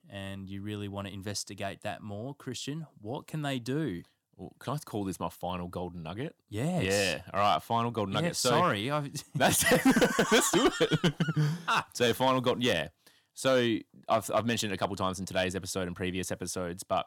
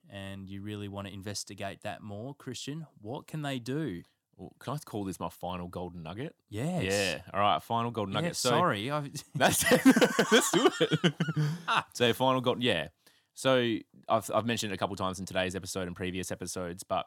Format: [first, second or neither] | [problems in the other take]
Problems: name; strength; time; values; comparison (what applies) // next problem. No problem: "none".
second | distortion; slight; 1.8% of the sound clipped